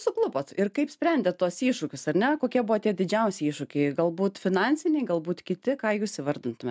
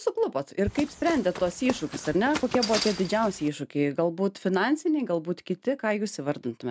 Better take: first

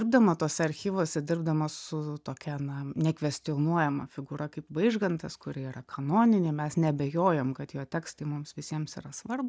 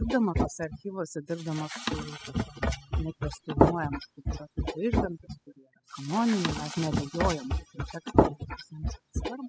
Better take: first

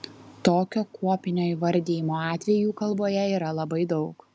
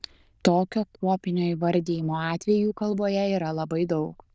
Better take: first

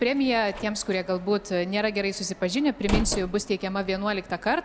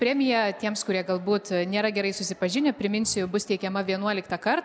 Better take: second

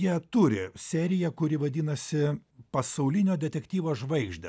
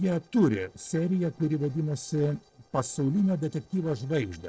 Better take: first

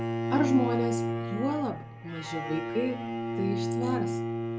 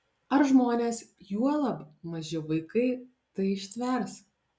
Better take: second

